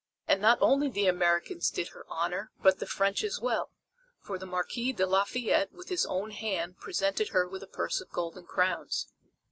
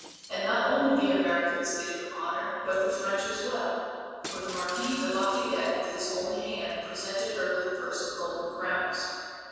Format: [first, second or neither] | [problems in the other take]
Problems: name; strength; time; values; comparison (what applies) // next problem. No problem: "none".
first | background sound (Shatter); 18 dB below the speech // room echo; dies away in 2.1 s